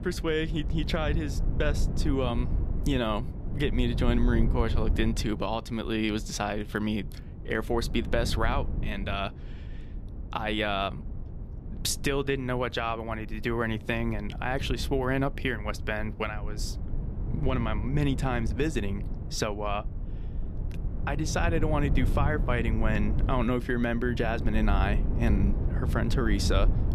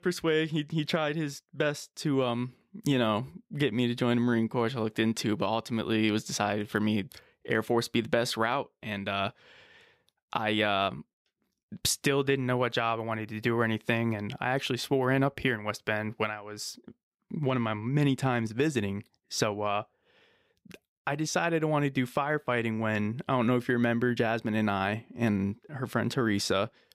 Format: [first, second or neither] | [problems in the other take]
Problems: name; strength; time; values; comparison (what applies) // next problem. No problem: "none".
second | low rumble; noticeable; throughout; 15 dB below the speech